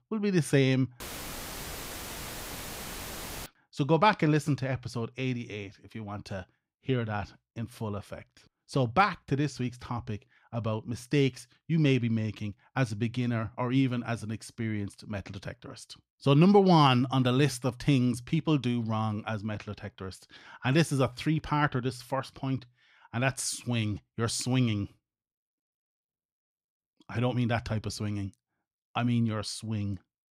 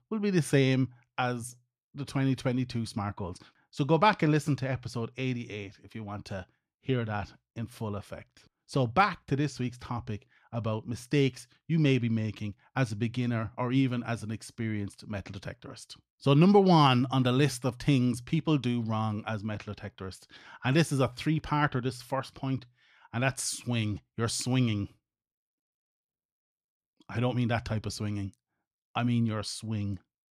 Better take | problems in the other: second | audio cutting out; filled with static; at 1 s for 2.5 s

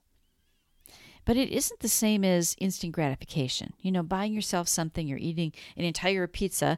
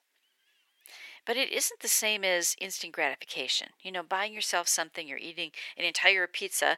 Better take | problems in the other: first | thin; very; fading below 450 Hz

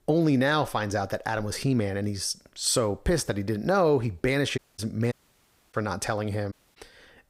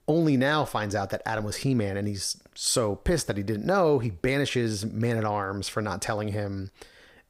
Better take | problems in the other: second | audio cutting out; at 4.5 s, at 5 s for 0.5 s and at 6.5 s

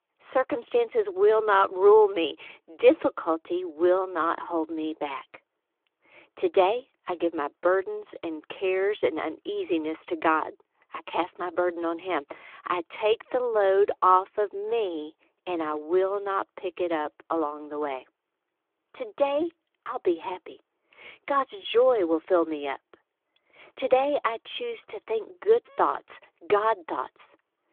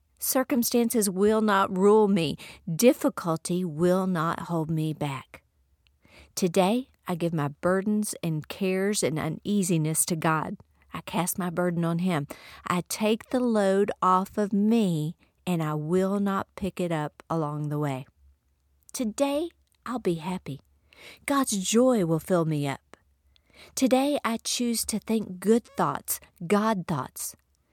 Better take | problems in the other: second | phone-call audio; nothing above 3.5 kHz

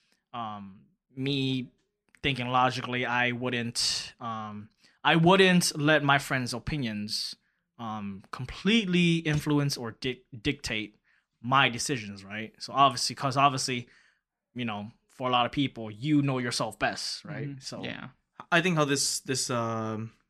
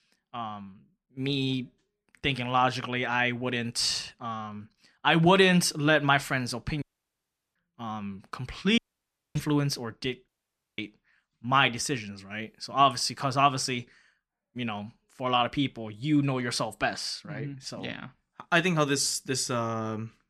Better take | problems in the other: first | audio cutting out; at 7 s for 0.5 s, at 9 s for 0.5 s and at 10 s for 0.5 s

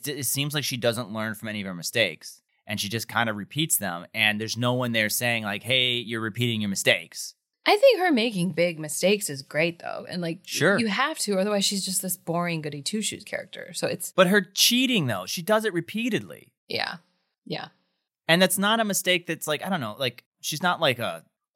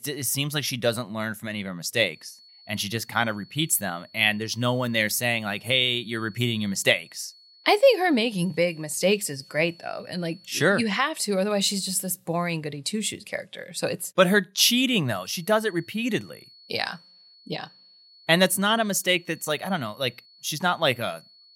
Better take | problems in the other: first | high-pitched whine; faint; from 2 to 11 s and from 15 s on; 4.5 kHz, 25 dB below the speech

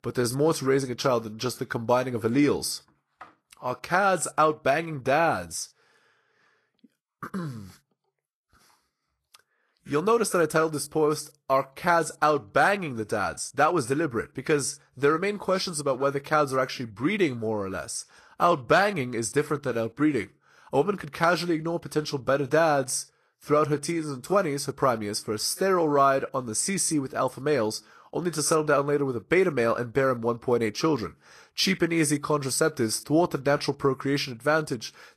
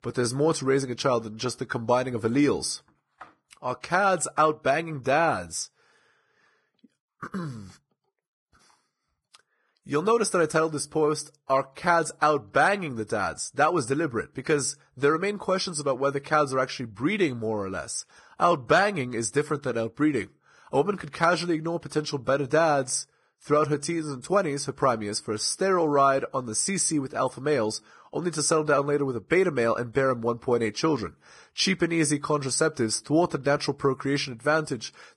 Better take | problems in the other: first | garbled, watery; badly; slightly in the first

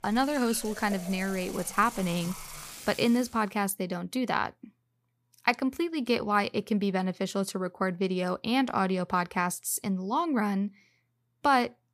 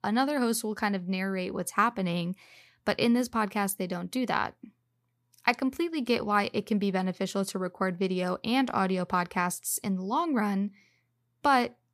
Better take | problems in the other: second | household noises; noticeable; until 3 s; 15 dB below the speech

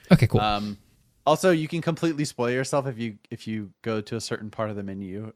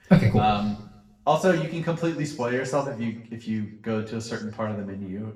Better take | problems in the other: first | room echo; slight; dies away in 0.7 s // off-mic speech; far

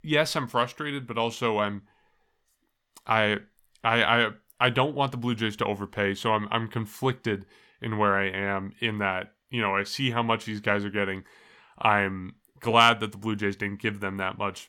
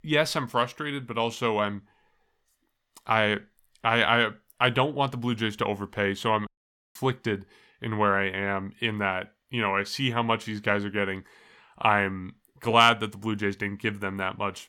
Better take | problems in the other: first | audio cutting out; at 6.5 s

